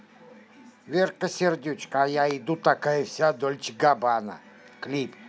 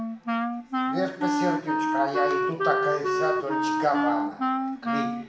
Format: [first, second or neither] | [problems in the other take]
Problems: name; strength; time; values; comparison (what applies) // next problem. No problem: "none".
first | background sound (Wind instrument, woodwind instrument); 4 dB above the speech // room echo; dies away in 0.8 s